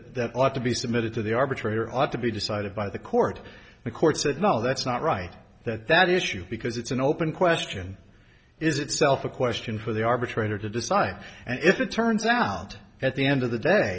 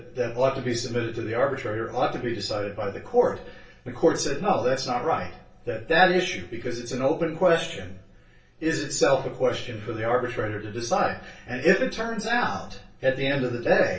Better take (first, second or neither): first